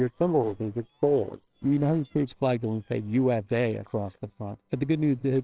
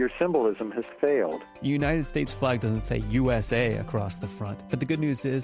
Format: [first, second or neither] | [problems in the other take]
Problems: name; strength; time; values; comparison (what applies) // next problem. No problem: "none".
second | noise reduction (neural separator model SepFormer WHAMR!)